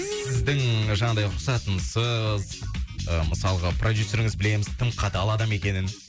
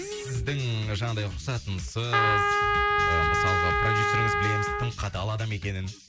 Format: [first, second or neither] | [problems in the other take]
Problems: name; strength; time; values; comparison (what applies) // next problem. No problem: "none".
first | background sound (Trumpet); 4 dB above the speech